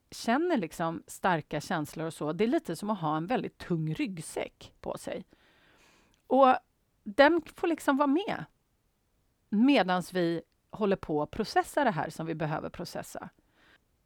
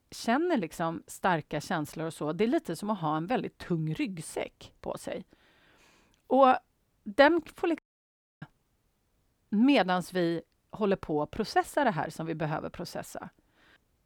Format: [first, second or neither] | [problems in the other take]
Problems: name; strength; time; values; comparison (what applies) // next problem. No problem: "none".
first | audio cutting out; at 8 s for 0.5 s